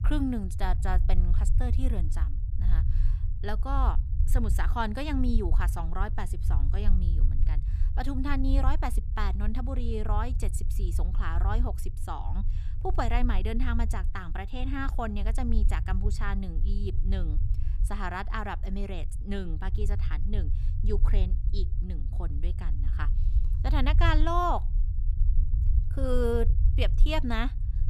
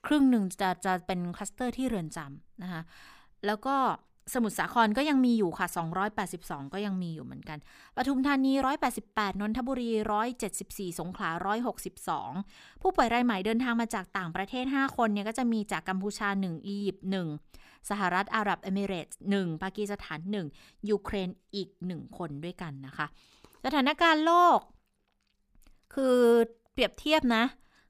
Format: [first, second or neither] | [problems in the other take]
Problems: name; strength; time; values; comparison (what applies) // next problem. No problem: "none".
second | low rumble; noticeable; throughout; 15 dB below the speech